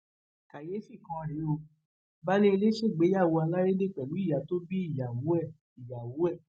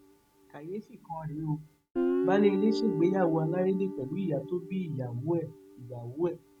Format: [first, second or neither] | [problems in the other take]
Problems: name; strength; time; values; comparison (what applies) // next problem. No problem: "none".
first | background sound (Guitar); 4 dB below the speech